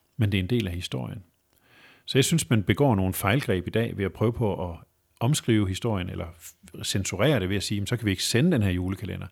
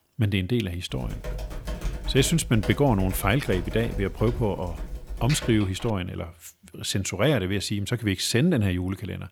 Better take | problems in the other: first | keyboard typing; noticeable; from 1 to 6 s; peak 8 dB below the speech

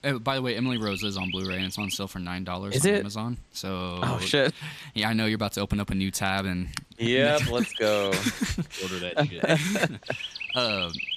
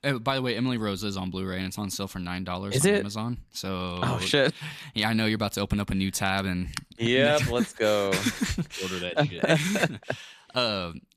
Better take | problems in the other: second | animal sounds; loud; throughout; 7 dB below the speech

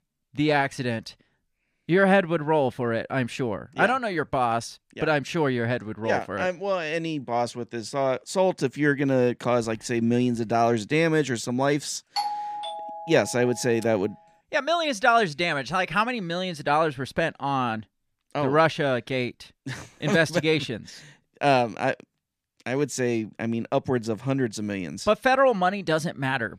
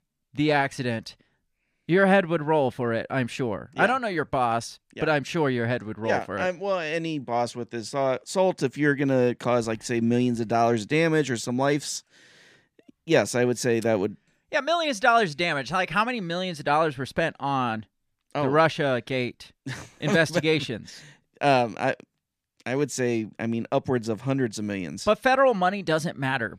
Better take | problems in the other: second | doorbell; noticeable; from 12 to 14 s; peak 4 dB below the speech

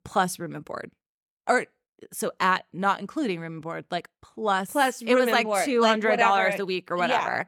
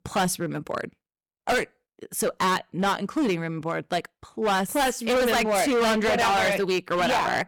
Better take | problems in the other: first | distortion; heavy; 18% of the sound clipped

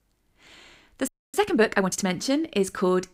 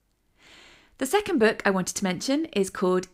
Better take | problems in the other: second | audio freezing; at 1 s

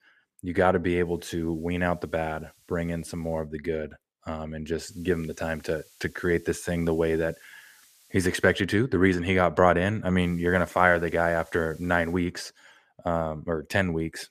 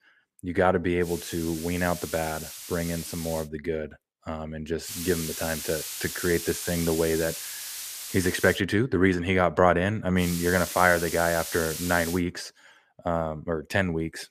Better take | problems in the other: first | hiss; loud; from 1 to 3.5 s, from 5 to 8.5 s and from 10 to 12 s; 8 dB below the speech; faint in the first

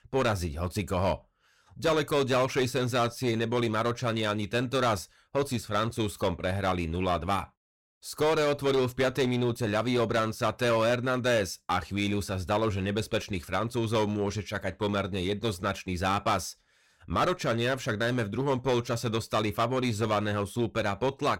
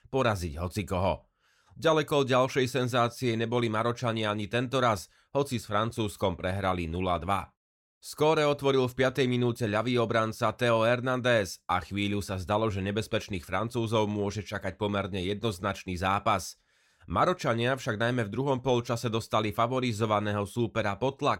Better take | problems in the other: second | distortion; slight; 8% of the sound clipped

